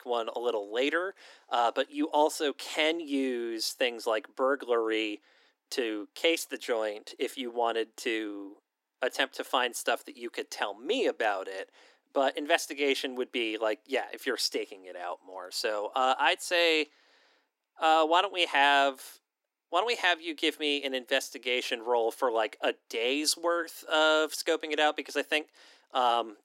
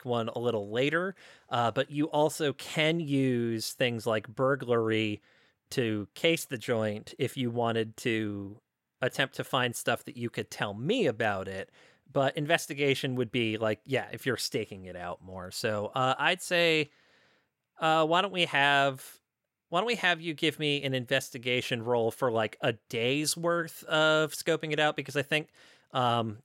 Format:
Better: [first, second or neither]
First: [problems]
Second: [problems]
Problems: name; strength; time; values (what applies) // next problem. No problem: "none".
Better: second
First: thin; somewhat; fading below 250 Hz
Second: none